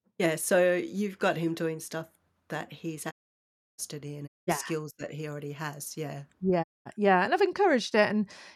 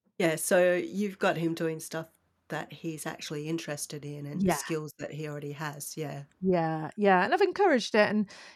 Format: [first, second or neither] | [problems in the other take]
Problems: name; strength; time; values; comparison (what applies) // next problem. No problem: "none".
second | audio cutting out; at 3 s for 0.5 s, at 4.5 s and at 6.5 s